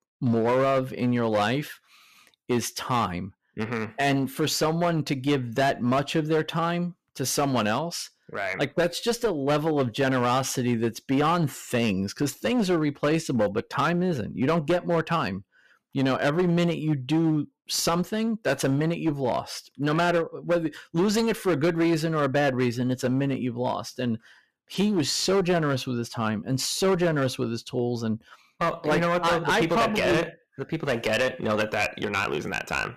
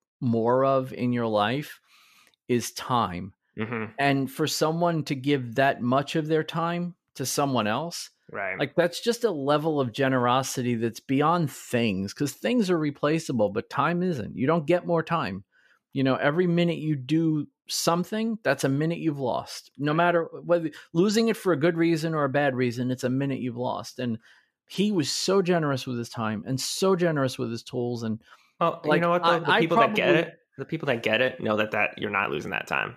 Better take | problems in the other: second | distortion; slight; 10% of the sound clipped

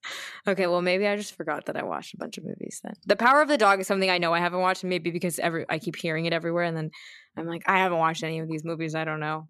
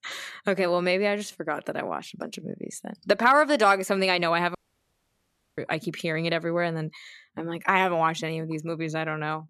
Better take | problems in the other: first | audio cutting out; at 4.5 s for 1 s

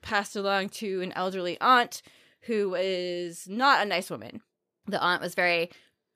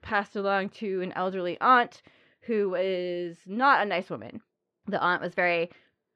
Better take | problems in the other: first | muffled; slightly; fading above 2.5 kHz

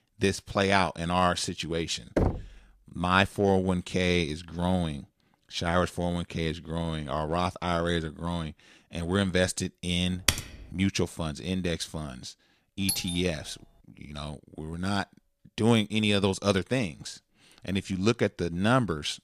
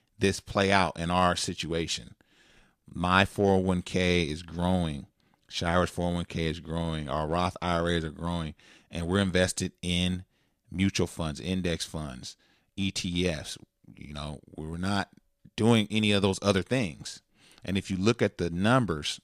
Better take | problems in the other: second | door banging; noticeable; at 2 s; peak level with the speech // keyboard typing; loud; at 10 s; peak 1 dB above the speech // doorbell; noticeable; at 13 s; peak 3 dB below the speech

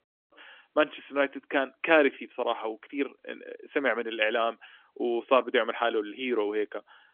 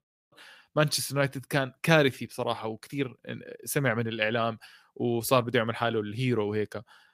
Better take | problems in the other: second | phone-call audio; nothing above 3.5 kHz

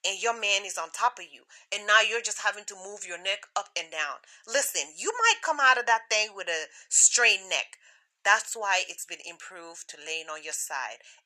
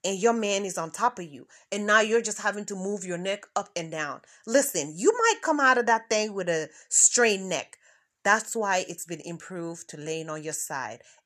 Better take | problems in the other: second | thin; very; fading below 800 Hz

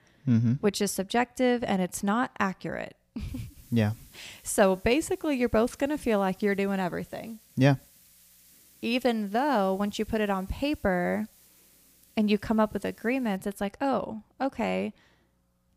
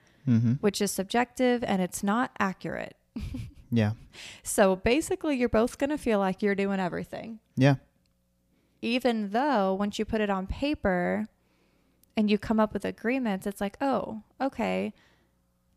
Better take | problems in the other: second | hiss; faint; from 3.5 to 13 s; 25 dB below the speech

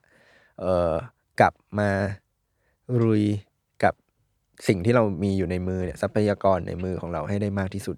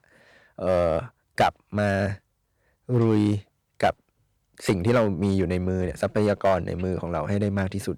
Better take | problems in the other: first | distortion; slight; 3% of the sound clipped

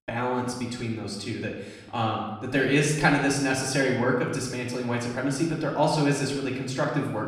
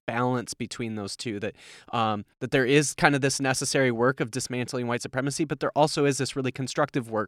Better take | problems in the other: second | off-mic speech; far // room echo; noticeable; dies away in 0.9 s

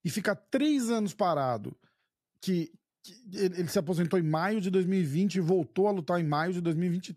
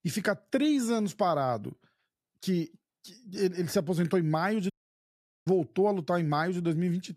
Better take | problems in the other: first | audio cutting out; at 4.5 s for 1 s

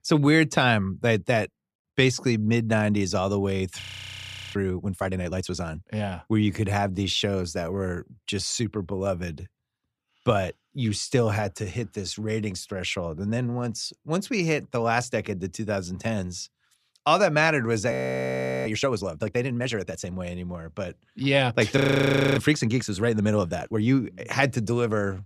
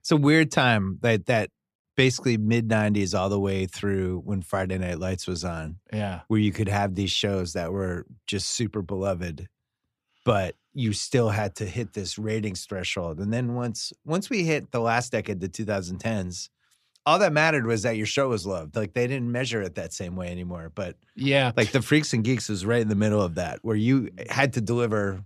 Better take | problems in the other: second | audio freezing; at 4 s for 0.5 s, at 18 s for 0.5 s and at 22 s for 0.5 s

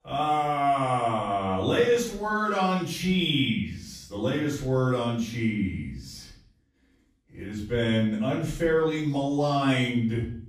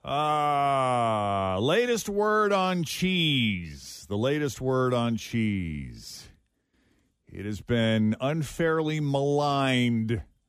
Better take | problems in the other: second | off-mic speech; far // room echo; noticeable; dies away in 0.5 s

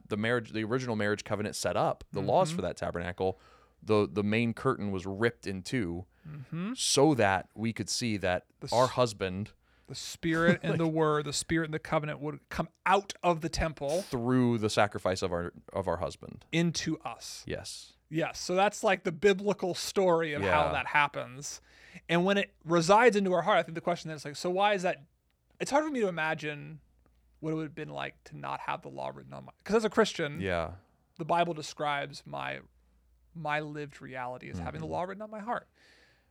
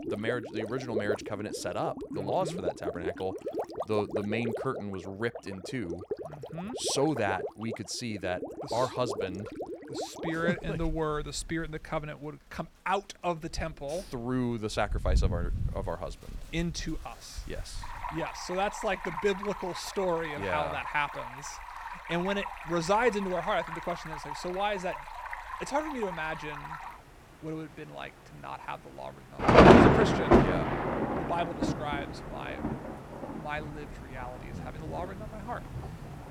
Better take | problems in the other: first | rain or running water; very loud; throughout; 3 dB above the speech

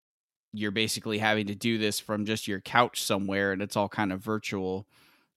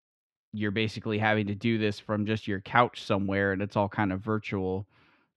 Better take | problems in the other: first | muffled; slightly; fading above 2.5 kHz

